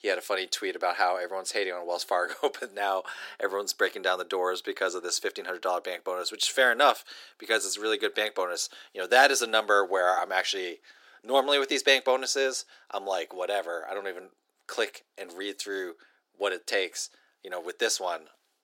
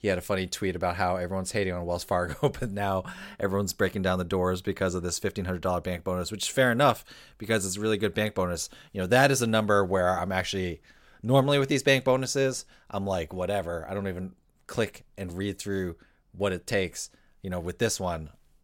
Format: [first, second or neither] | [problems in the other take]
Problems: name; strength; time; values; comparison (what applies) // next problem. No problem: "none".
second | thin; very; fading below 300 Hz